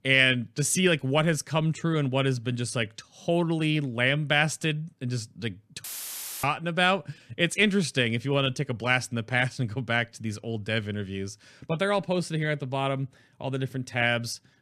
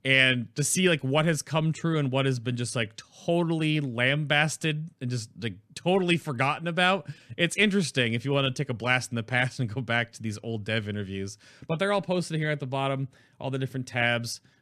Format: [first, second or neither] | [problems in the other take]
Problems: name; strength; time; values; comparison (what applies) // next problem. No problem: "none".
second | audio cutting out; filled with static; at 6 s for 0.5 s